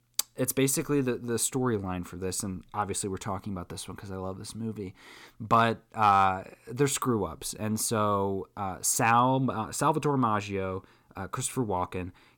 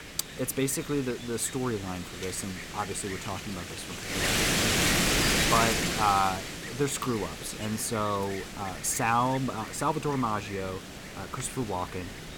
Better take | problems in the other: first | wind noise on the microphone; heavy; 1 dB below the speech

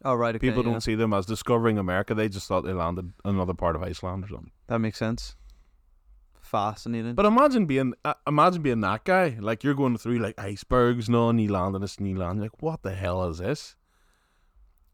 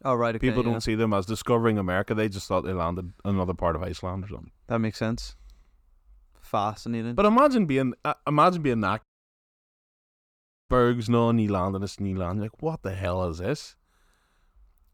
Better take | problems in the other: first | audio cutting out; at 9 s for 1.5 s

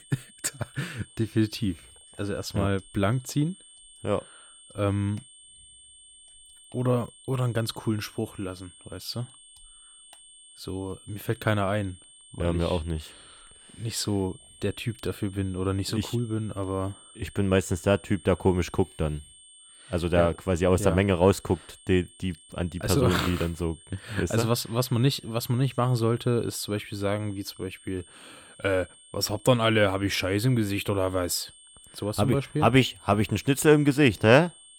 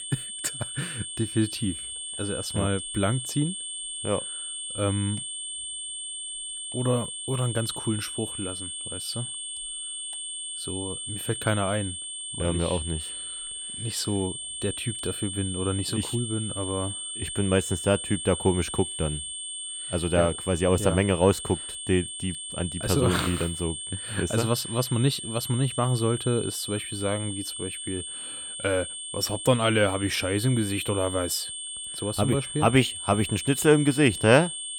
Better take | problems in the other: first | high-pitched whine; loud; throughout; 8.5 kHz, 6 dB below the speech; faint in the first

